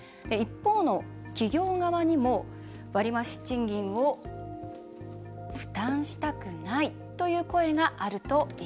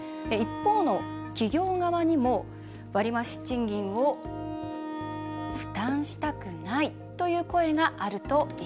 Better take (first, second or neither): first